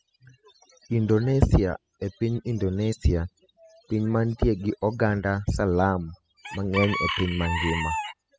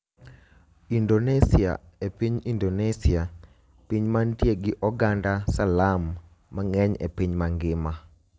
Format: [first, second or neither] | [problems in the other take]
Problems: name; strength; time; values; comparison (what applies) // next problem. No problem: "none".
second | noise reduction (classical method spectral subtraction)